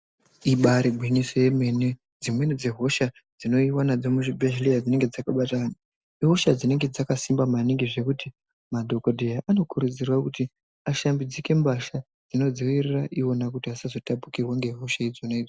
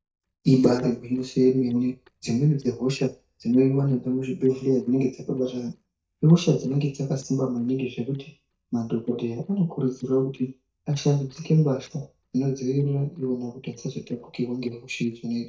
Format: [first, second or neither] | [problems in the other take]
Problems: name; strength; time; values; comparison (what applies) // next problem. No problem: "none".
first | noise reduction (neural mask model DeepFilterNet 3)